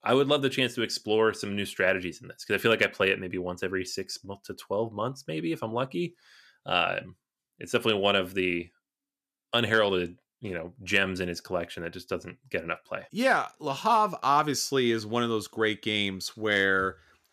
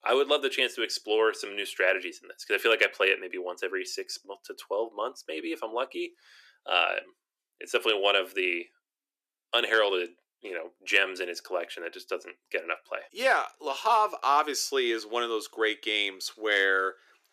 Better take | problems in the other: first | thin; somewhat; fading below 350 Hz

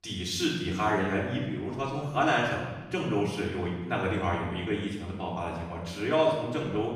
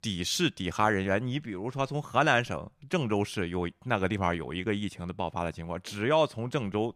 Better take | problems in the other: second | off-mic speech; far // room echo; noticeable; dies away in 1.2 s

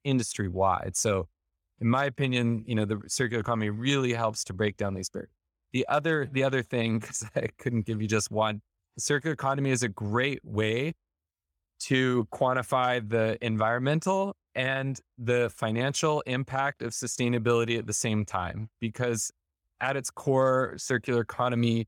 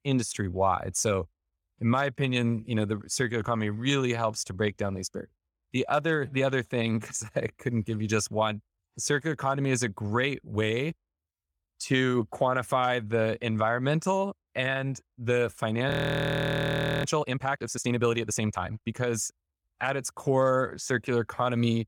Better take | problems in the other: first | audio freezing; at 16 s for 1 s

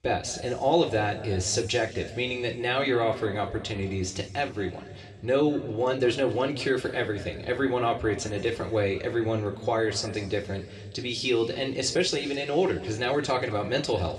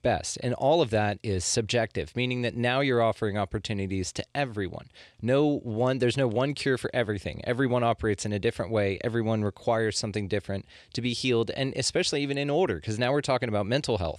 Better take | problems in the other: second | room echo; slight; dies away in 1.8 s

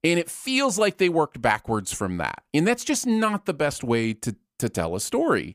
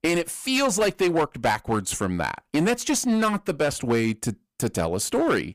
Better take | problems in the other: first | distortion; slight; 8% of the sound clipped

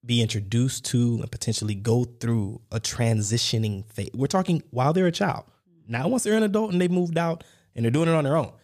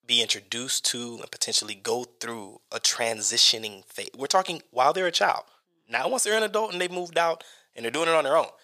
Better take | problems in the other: first | thin; very; fading below 700 Hz

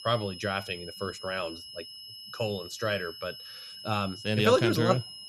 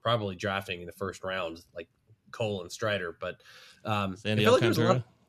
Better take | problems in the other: second | high-pitched whine; noticeable; throughout; 5 kHz, 10 dB below the speech

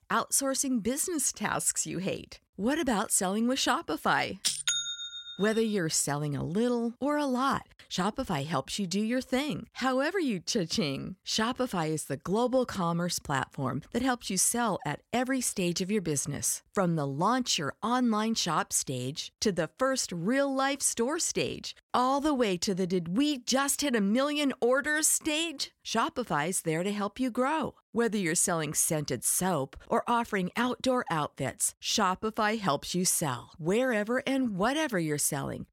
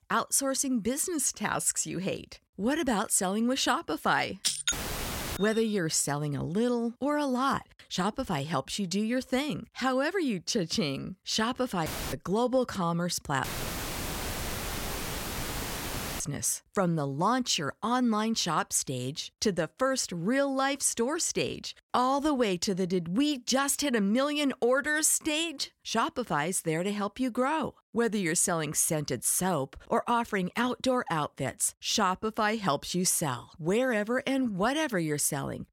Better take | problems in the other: first | audio cutting out; filled with static; at 4.5 s for 0.5 s, at 12 s and at 13 s for 3 s

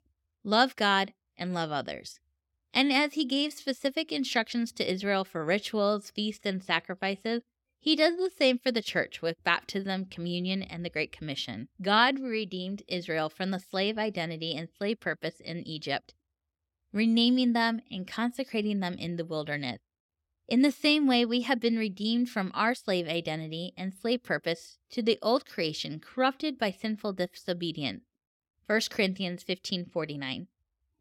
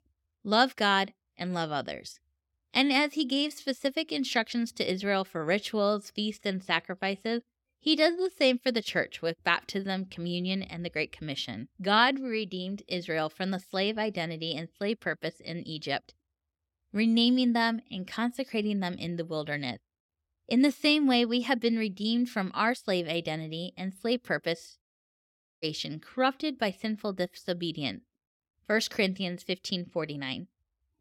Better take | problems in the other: first | audio cutting out; at 25 s for 1 s

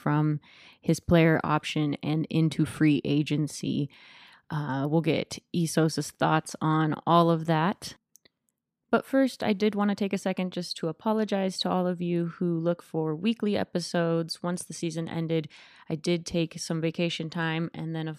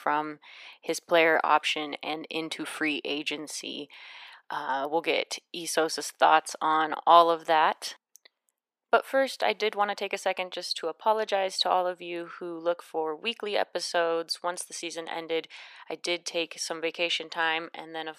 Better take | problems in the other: first | thin; very; fading below 450 Hz

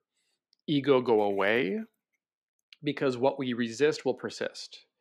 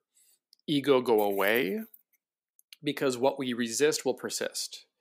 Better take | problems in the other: second | muffled; very slightly; fading above 3.5 kHz

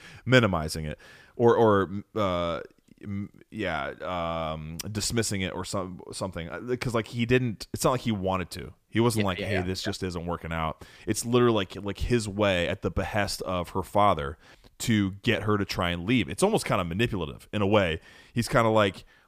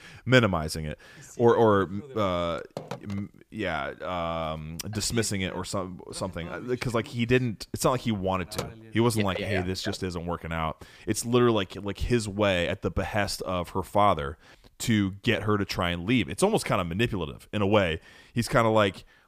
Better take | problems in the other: first | phone ringing; noticeable; from 1.5 to 10 s; peak 10 dB below the speech

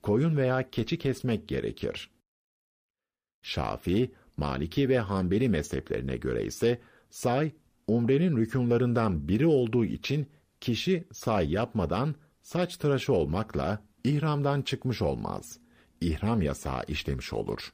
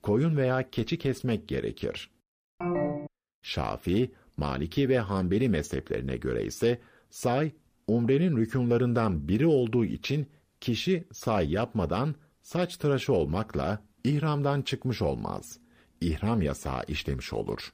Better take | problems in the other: first | phone ringing; noticeable; at 2.5 s; peak 1 dB below the speech

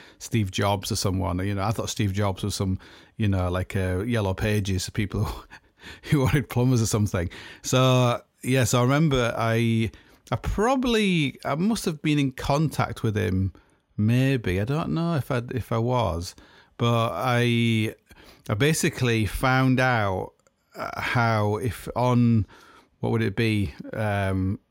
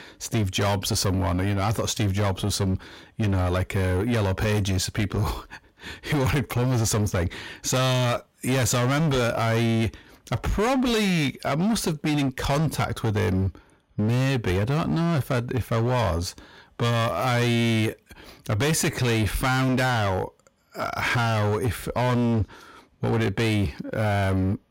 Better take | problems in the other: first | distortion; heavy; 24% of the sound clipped

